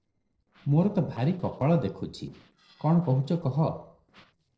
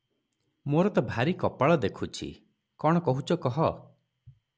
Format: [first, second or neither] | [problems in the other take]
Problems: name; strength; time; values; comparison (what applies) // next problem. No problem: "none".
second | noise reduction (neural separator model SepFormer DNS4)